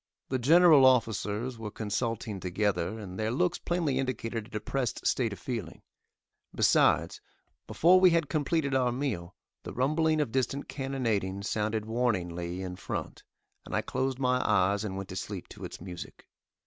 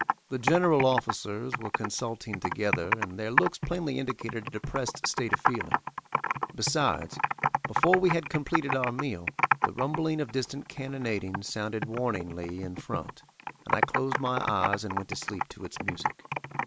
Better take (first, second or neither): first